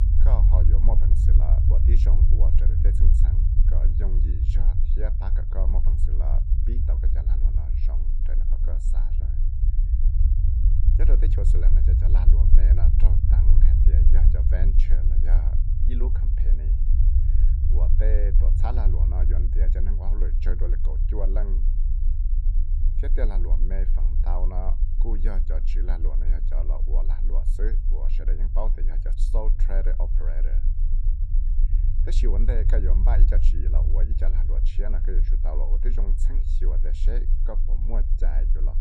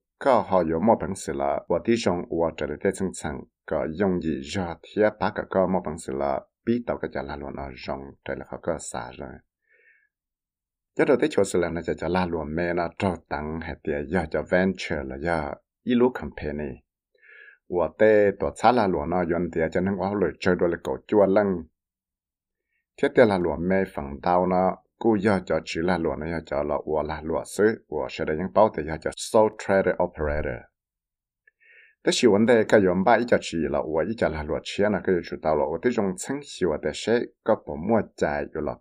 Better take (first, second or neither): second